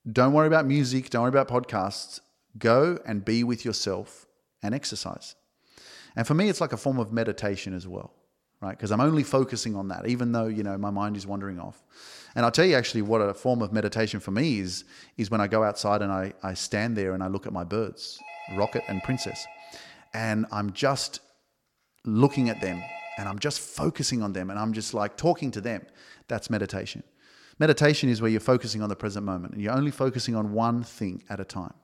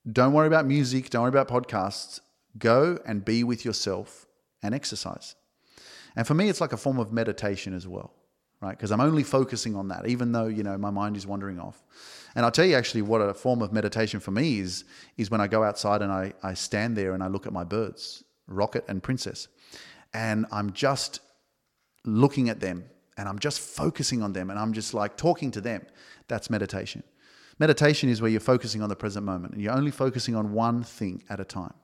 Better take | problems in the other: second | phone ringing; faint; from 18 to 23 s; peak 10 dB below the speech

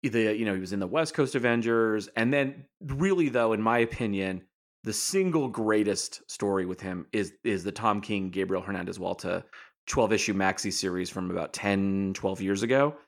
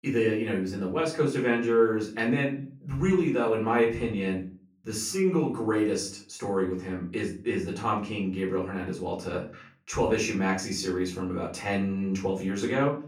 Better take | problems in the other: first | off-mic speech; far // room echo; slight; dies away in 0.4 s

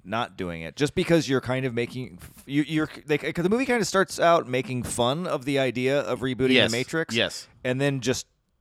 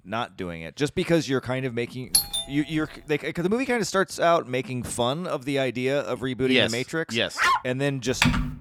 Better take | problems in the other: first | doorbell; loud; at 2 s; peak 4 dB above the speech // dog barking; loud; at 7.5 s; peak 3 dB above the speech // keyboard typing; loud; at 8 s; peak 3 dB above the speech

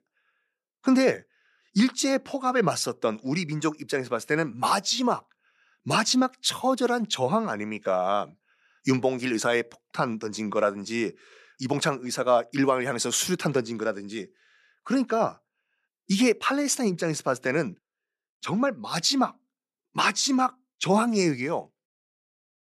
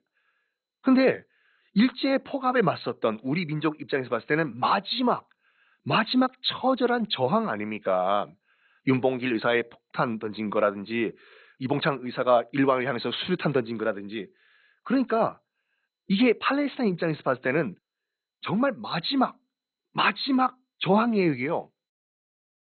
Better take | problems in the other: first | garbled, watery; badly; nothing above 4 kHz

